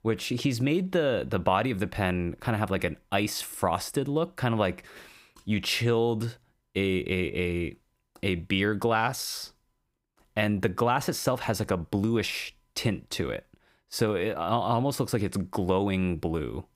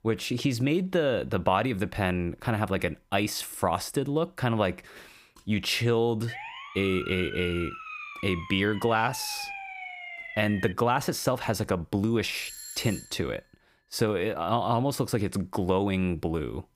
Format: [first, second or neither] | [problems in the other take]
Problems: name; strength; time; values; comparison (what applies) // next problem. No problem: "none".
first | siren; noticeable; from 6.5 to 11 s; peak 9 dB below the speech // doorbell; faint; at 12 s; peak 10 dB below the speech